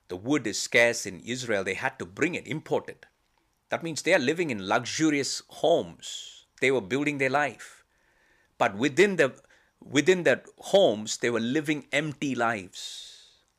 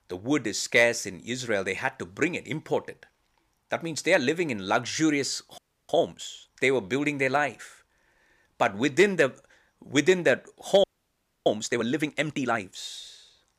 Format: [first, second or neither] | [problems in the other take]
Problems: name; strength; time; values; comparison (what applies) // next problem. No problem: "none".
first | audio freezing; at 5.5 s and at 11 s for 0.5 s